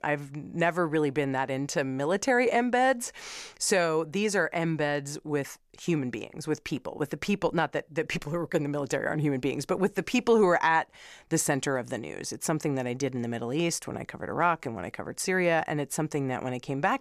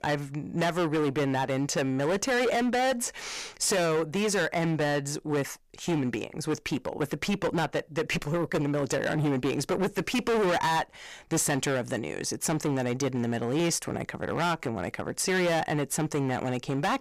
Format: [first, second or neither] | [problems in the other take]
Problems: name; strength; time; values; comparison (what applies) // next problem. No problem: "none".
first | distortion; heavy; 17% of the sound clipped